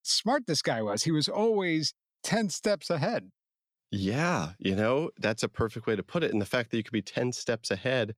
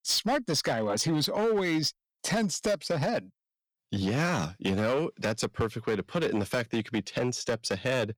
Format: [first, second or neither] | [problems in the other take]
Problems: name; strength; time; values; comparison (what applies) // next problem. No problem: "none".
first | distortion; slight; 10% of the sound clipped